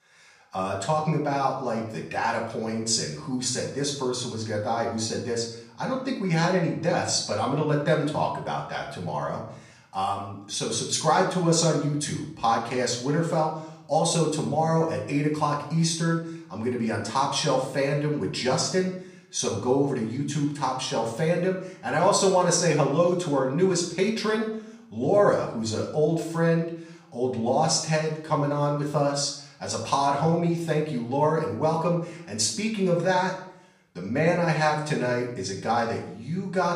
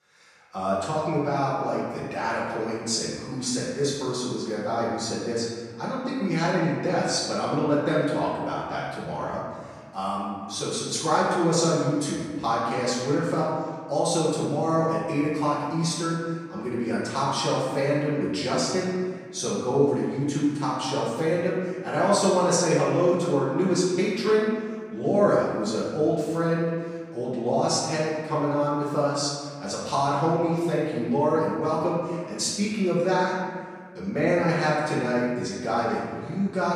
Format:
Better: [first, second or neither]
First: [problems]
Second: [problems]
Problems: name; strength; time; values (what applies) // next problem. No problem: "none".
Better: first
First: room echo; slight; dies away in 0.6 s // off-mic speech; far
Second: room echo; strong; dies away in 1.6 s // off-mic speech; far